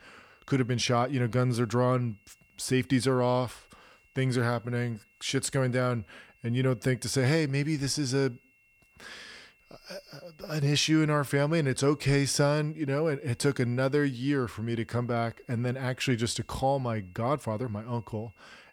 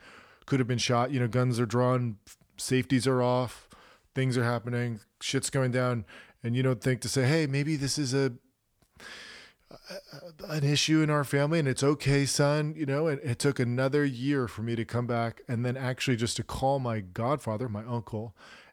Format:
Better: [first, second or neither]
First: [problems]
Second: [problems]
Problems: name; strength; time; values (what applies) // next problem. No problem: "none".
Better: second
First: high-pitched whine; faint; throughout; 2.5 kHz, 35 dB below the speech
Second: none